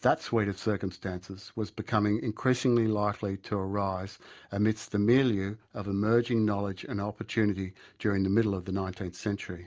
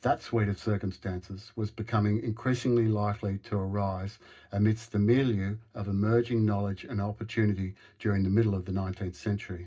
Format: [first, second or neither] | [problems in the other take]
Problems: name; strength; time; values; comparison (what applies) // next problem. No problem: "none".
first | room echo; dies away in 0.4 s